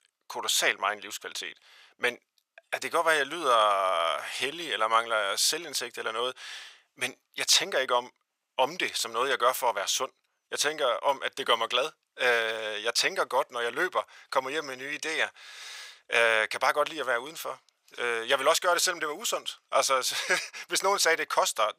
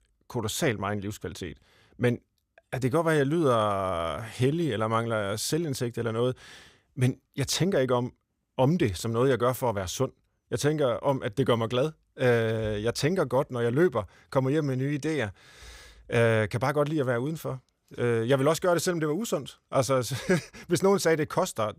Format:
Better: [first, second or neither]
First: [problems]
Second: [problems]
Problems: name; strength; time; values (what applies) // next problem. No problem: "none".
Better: second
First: thin; very; fading below 900 Hz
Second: none